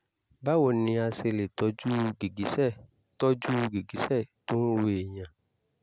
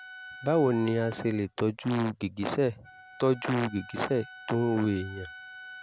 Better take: first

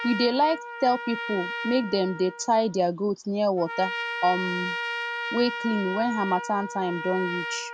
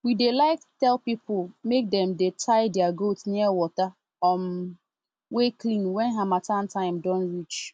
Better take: second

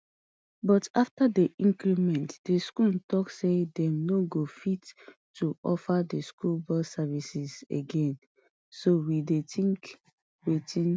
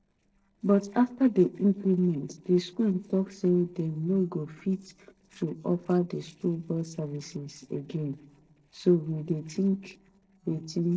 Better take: first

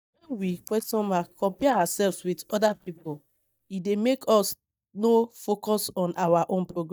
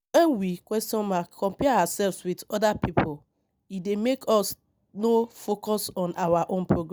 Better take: second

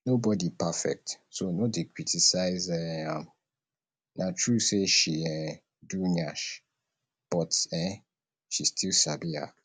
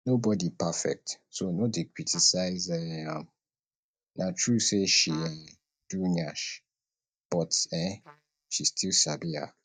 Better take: first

